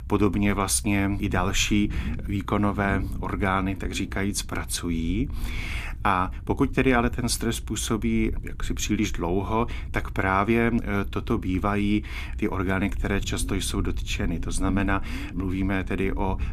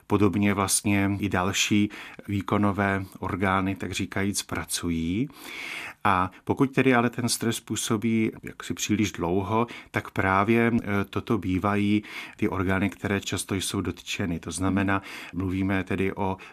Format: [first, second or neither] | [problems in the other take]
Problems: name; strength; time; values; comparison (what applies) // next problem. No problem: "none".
second | low rumble; faint; throughout; 20 dB below the speech